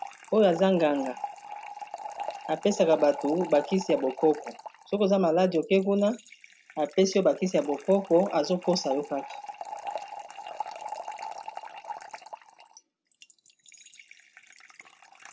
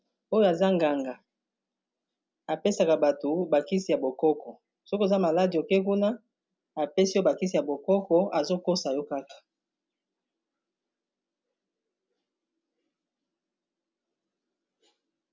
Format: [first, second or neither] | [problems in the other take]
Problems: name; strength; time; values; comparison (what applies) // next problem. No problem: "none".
second | background sound (Fill (with liquid) / Trickle, dribble); 13 dB below the speech